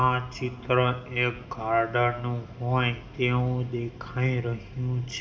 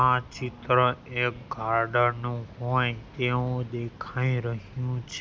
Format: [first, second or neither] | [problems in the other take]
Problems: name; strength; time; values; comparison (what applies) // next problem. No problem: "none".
second | room echo; dies away in 2.5 s